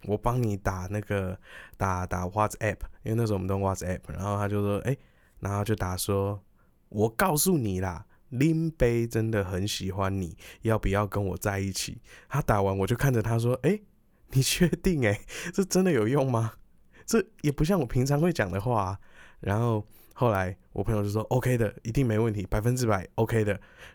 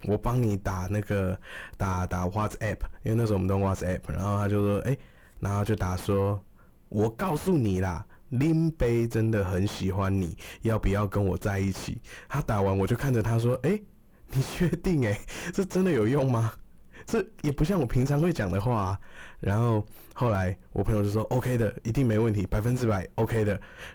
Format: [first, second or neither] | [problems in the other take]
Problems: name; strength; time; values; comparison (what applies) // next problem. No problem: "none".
first | distortion; heavy; 7 dB below the speech